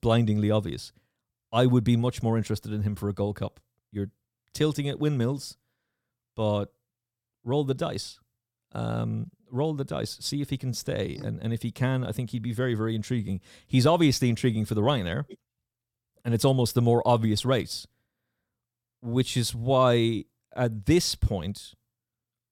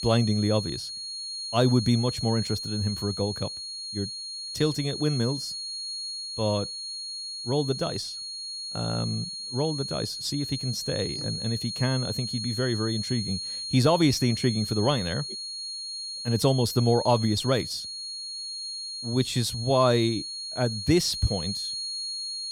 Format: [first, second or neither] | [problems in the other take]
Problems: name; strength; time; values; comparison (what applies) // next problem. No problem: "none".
first | high-pitched whine; loud; throughout; 4.5 kHz, 5 dB below the speech